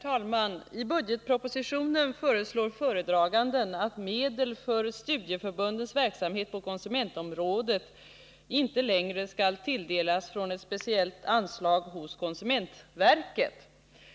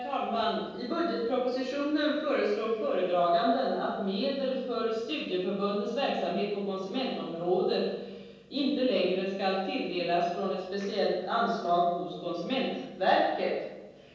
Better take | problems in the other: first | room echo; dies away in 1.3 s

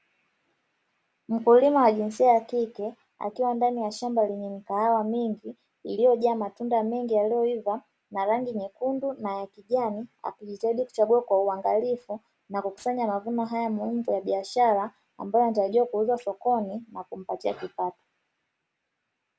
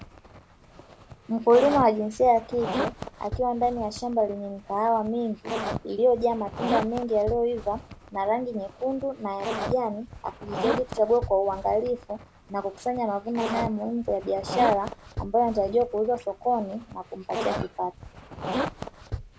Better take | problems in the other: first | background sound (Zipper (clothing)); 9 dB below the speech

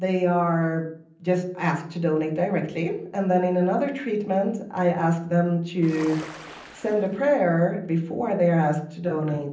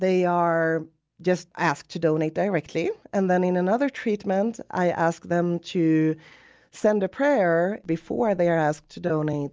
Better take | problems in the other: second | background sound (Ocean); 17 dB below the speech // room echo; dies away in 0.6 s

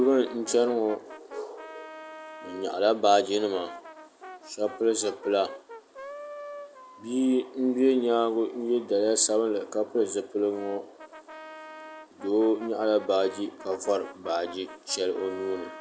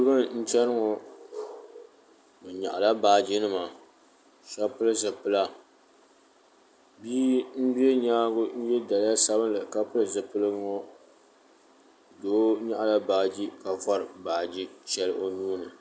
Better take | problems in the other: second | background sound (Brass instrument); 18 dB below the speech

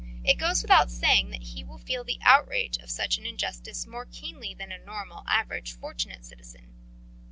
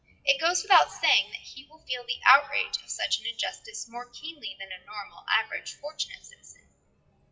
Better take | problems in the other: first | noise reduction (classical method WPE with log-MMSE)

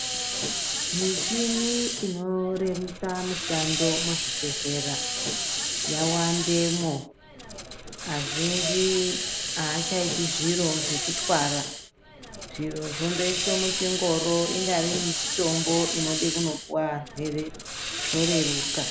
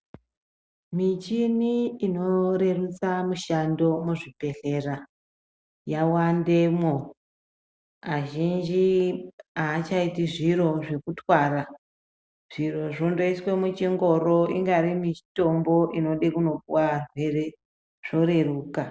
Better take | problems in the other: second | background sound (Hiss); 1 dB below the speech

